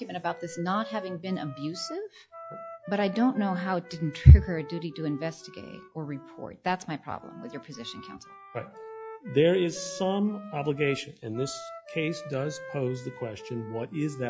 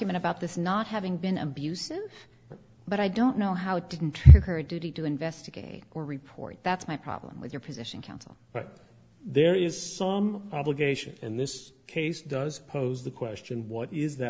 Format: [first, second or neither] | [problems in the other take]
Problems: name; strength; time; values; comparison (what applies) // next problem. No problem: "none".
second | noise reduction (classical method log-MMSE)